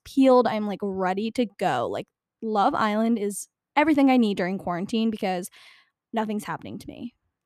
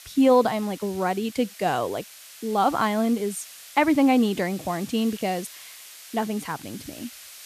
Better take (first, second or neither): first